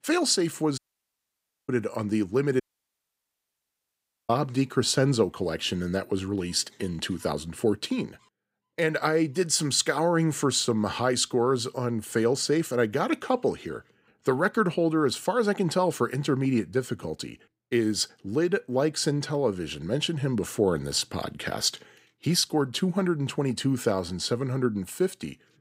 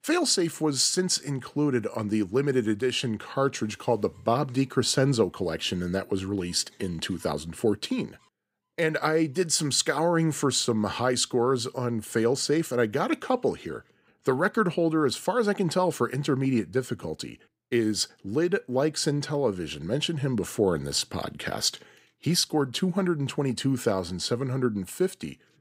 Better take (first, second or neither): second